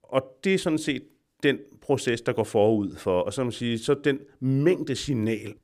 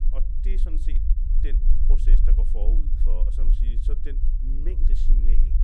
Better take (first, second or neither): first